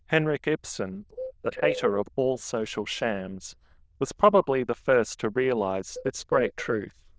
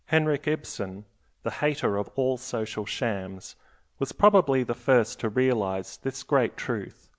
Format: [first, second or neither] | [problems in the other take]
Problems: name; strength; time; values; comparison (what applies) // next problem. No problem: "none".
second | noise reduction (neural diffusion model UNIVERSE++)